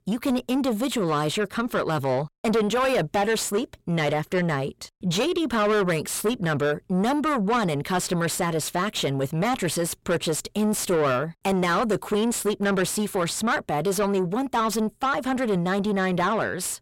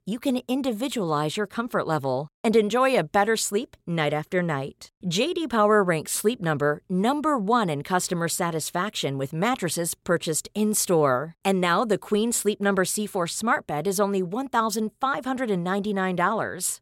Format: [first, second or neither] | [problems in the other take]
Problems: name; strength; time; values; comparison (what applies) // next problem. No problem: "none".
second | distortion; heavy; 7 dB below the speech